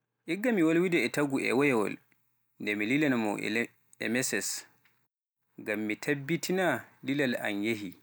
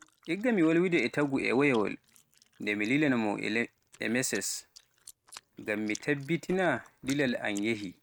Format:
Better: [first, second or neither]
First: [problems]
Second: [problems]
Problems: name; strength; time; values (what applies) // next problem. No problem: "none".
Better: first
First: none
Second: noise reduction (neural mask model RNNoise)